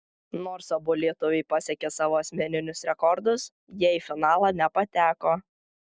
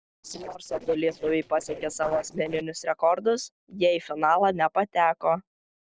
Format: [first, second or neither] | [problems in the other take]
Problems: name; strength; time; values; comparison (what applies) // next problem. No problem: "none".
first | noise reduction (neural separator model SepFormer DNS4)